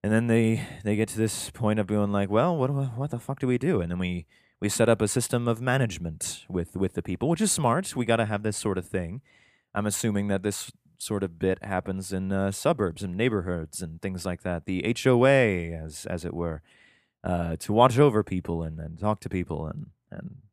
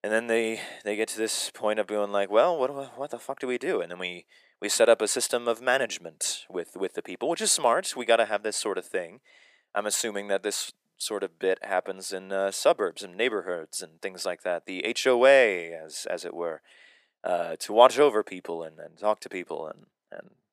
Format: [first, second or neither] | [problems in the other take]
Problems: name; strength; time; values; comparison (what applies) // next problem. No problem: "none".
first | thin; very; fading below 350 Hz